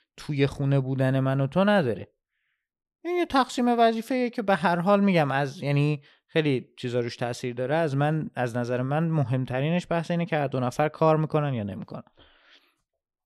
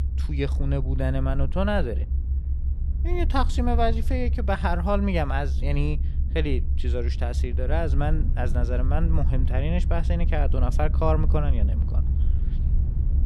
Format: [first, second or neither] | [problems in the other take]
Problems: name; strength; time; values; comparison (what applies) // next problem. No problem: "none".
first | low rumble; noticeable; throughout; 15 dB below the speech